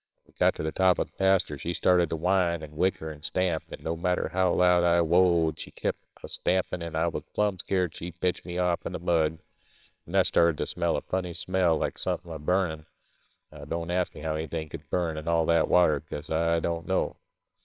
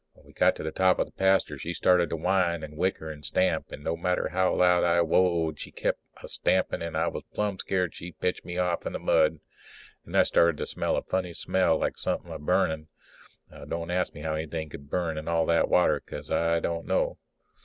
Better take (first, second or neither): second